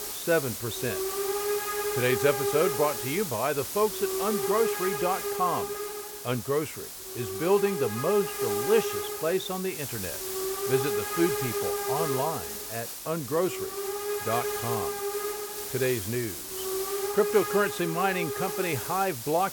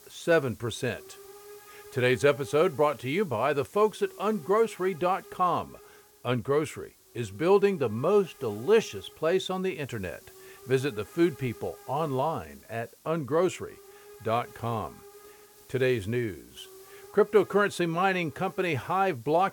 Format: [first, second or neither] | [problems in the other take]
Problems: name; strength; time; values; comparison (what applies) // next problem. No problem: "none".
second | hiss; loud; throughout; 2 dB below the speech; faint in the second